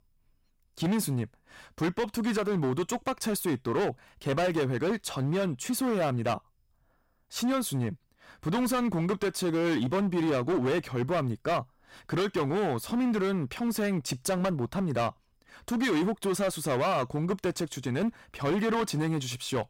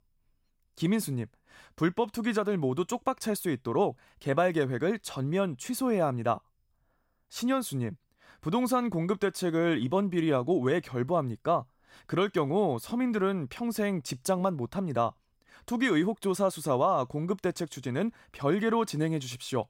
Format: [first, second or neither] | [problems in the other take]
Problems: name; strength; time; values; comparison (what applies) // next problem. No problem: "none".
second | distortion; heavy; 16% of the sound clipped